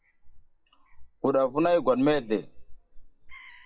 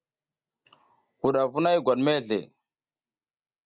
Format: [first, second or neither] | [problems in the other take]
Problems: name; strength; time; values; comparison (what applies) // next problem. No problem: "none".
second | noise reduction (classical method WPE with log-MMSE)